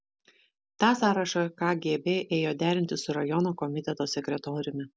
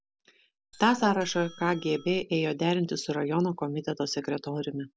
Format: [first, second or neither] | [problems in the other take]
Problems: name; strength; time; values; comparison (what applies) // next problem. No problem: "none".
first | background sound (Doorbell); 20 dB below the speech